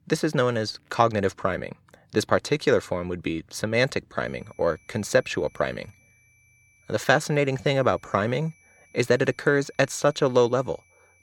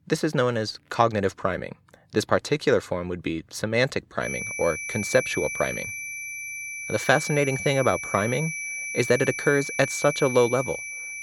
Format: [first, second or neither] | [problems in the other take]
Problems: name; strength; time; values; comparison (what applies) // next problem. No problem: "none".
first | high-pitched whine; loud; from 4 s on; 2.5 kHz, 6 dB below the speech; faint in the first